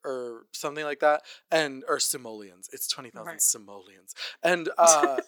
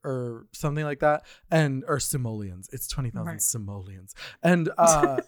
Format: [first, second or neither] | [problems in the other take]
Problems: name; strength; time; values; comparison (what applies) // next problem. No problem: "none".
second | thin; very; fading below 350 Hz